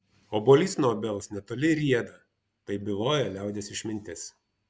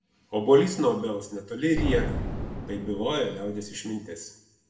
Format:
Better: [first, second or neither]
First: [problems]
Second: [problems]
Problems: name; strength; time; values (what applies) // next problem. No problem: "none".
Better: first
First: none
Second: background sound (Boom); 4 dB below the speech // room echo; dies away in 0.6 s